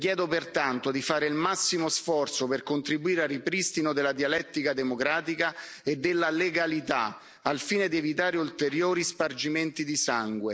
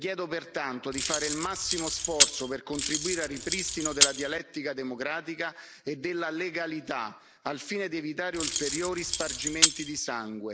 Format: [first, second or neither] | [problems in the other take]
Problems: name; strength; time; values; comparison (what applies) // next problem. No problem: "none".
first | background sound (Keys jangling); 4 dB above the speech